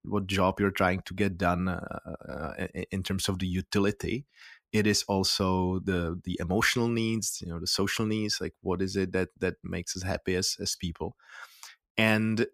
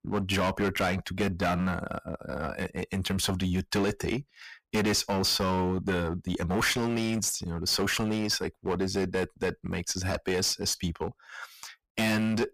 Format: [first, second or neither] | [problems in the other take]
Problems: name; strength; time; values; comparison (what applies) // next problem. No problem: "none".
first | distortion; heavy; 12% of the sound clipped